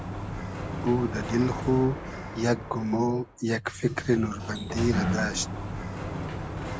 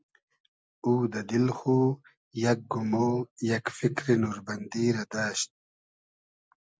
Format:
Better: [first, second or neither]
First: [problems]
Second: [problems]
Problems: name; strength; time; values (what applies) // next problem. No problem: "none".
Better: second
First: background sound (Sliding door); 5 dB below the speech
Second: none